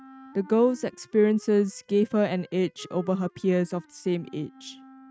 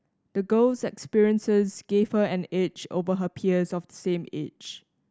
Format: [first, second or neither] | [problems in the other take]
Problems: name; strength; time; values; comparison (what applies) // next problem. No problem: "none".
second | noise reduction (neural mask model RNNoise)